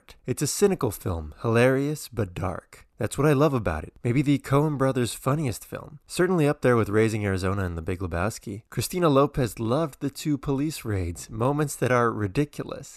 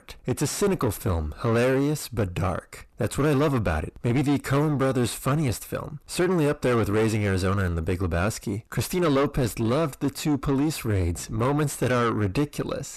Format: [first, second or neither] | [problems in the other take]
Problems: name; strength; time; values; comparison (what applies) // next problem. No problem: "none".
first | distortion; heavy; 7 dB below the speech